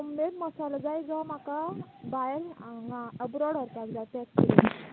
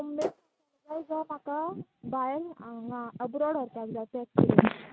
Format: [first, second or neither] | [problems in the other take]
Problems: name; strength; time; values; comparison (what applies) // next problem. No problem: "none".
first | noise reduction (neural mask model RNNoise)